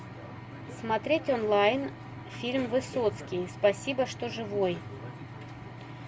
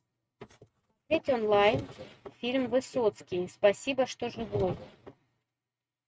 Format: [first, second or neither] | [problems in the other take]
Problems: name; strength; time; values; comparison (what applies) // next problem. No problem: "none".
first | noise reduction (neural mask model RNNoise)